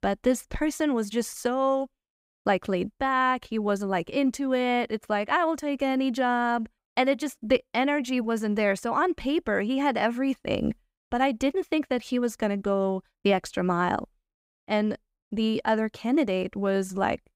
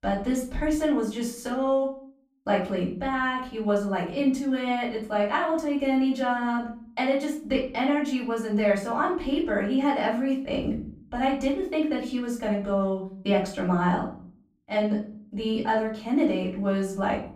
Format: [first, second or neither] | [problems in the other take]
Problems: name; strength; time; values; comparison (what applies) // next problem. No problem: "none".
first | off-mic speech; far // room echo; slight; dies away in 0.5 s